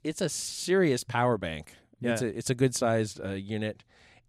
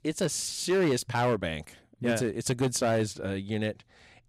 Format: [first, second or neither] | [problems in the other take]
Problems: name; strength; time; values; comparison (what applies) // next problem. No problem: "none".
first | distortion; slight; 6% of the sound clipped